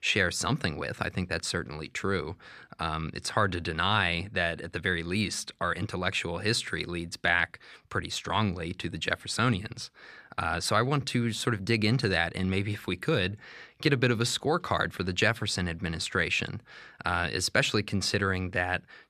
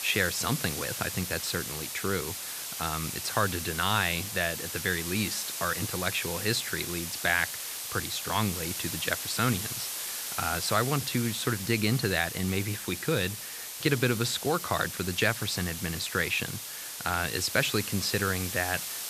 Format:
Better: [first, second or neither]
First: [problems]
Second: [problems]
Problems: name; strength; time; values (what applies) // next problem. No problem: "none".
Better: first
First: none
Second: hiss; loud; throughout; 4 dB below the speech